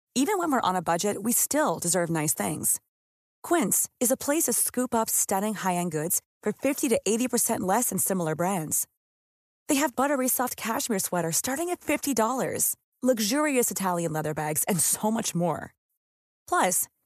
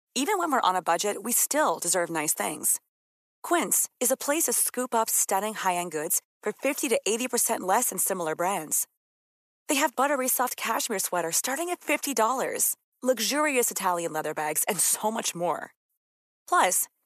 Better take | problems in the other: first | thin; somewhat; fading below 350 Hz

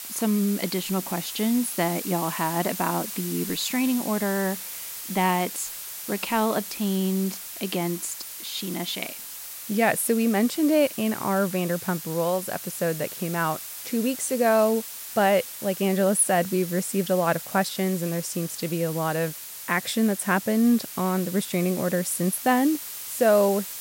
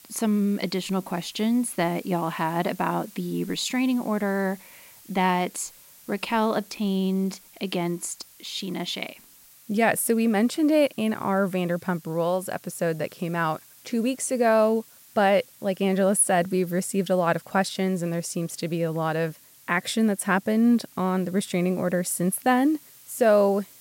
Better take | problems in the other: second | hiss; loud; throughout; 9 dB below the speech; faint in the second

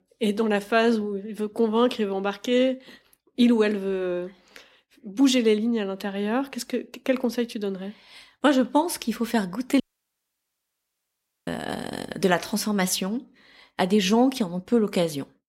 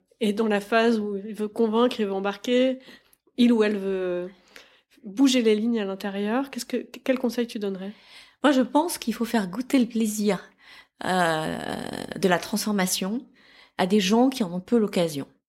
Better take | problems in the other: second | audio cutting out; at 10 s for 1.5 s

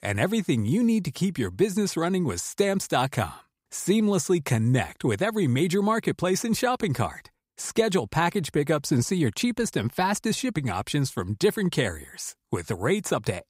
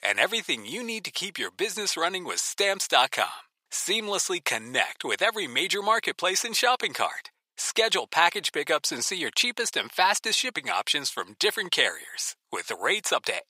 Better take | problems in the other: first | thin; very; fading below 650 Hz

